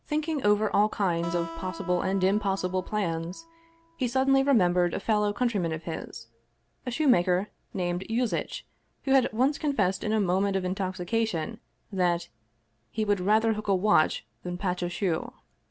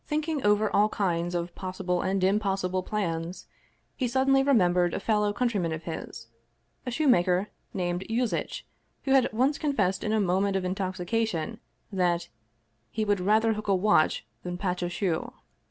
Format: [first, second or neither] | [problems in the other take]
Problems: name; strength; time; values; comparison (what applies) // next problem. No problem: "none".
second | background sound (Acoustic guitar); 16 dB below the speech